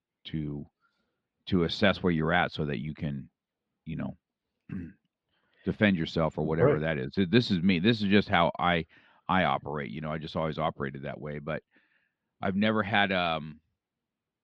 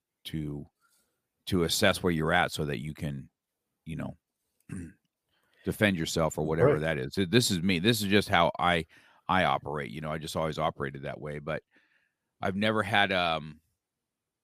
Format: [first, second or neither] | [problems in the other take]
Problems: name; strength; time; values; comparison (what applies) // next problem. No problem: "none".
second | muffled; very slightly; fading above 4 kHz